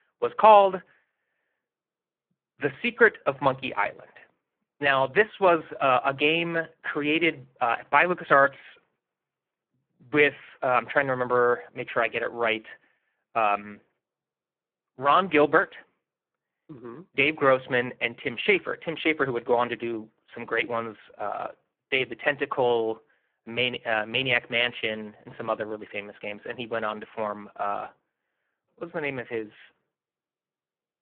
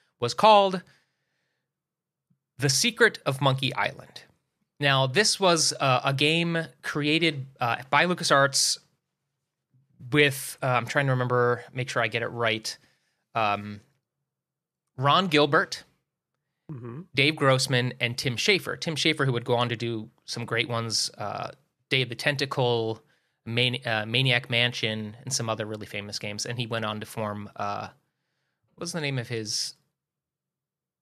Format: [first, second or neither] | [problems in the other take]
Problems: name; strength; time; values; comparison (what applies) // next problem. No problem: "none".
second | phone-call audio; poor line